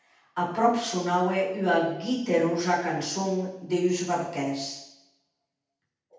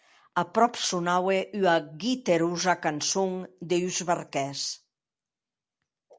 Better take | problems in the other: second | room echo; dies away in 0.8 s

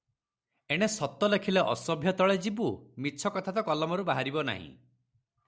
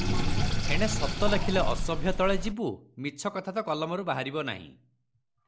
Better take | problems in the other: first | background sound (Sink (filling or washing)); 2 dB above the speech

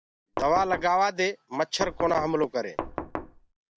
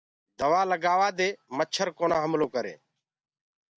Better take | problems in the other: second | background sound (Knock); 8 dB below the speech

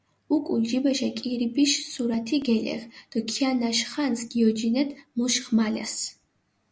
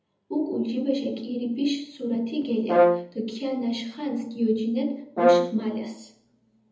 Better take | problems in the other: first | background sound (Brass instrument); 4 dB above the speech // room echo; dies away in 0.7 s

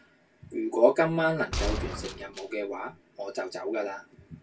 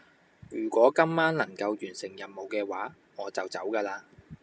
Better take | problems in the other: second | background sound (Gunshot, gunfire); 5 dB below the speech // room echo; dies away in 0.1 s

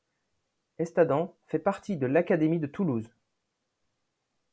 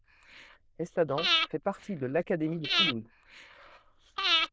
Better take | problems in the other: first | noise reduction (neural diffusion model UNIVERSE++)

